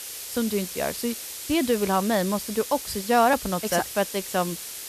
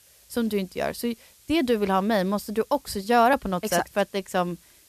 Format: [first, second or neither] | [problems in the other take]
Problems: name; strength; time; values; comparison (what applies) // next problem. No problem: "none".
second | hiss; loud; throughout; 8 dB below the speech; faint in the second